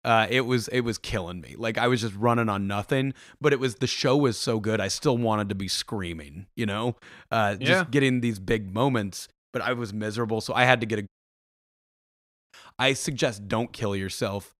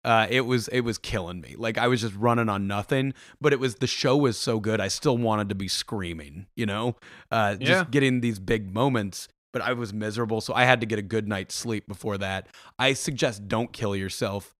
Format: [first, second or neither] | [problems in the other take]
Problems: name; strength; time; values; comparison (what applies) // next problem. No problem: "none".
second | audio cutting out; at 11 s for 1.5 s